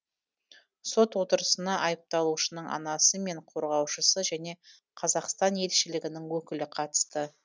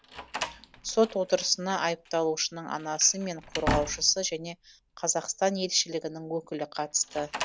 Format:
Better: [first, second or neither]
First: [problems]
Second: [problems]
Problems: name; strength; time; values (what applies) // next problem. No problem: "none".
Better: first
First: none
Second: background sound (Slam); 10 dB below the speech